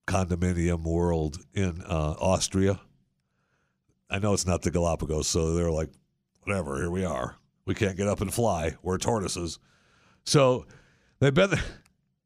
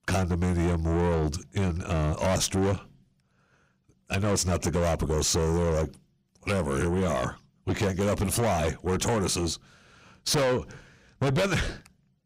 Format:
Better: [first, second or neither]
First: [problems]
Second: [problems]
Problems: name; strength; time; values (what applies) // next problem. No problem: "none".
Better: first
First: none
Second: distortion; heavy; 6 dB below the speech